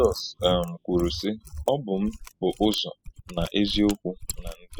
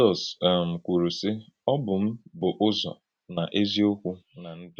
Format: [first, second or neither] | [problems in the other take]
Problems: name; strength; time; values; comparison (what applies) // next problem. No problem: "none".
second | noise reduction (classical method spectral subtraction)